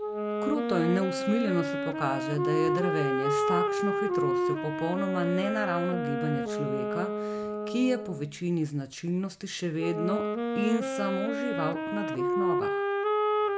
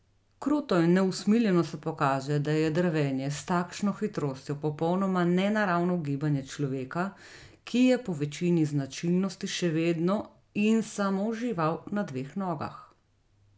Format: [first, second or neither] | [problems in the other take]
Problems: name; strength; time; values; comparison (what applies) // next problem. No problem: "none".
second | background sound (Wind instrument, woodwind instrument); 1 dB above the speech